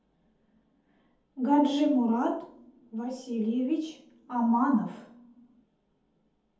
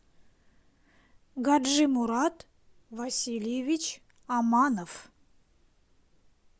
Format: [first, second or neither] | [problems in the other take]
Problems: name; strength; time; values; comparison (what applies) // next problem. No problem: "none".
second | room echo; dies away in 0.6 s